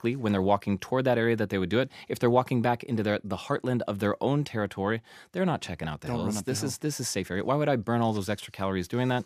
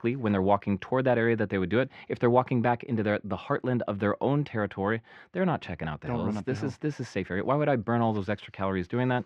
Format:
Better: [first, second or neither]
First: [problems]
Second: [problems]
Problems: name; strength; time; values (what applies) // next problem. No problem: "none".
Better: first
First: none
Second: muffled; very; fading above 2 kHz